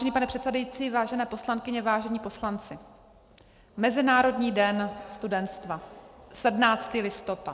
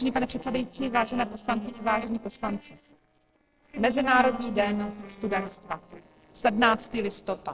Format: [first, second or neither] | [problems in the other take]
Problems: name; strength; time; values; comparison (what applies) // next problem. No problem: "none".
first | noise reduction (neural separator model SepFormer DNS4)